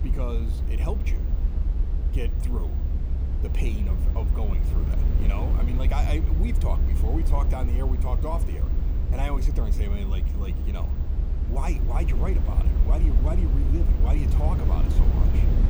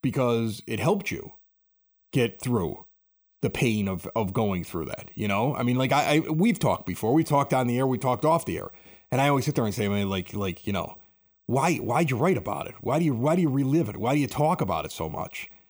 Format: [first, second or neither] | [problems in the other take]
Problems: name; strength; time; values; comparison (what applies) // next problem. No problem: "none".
second | low rumble; loud; throughout; 4 dB below the speech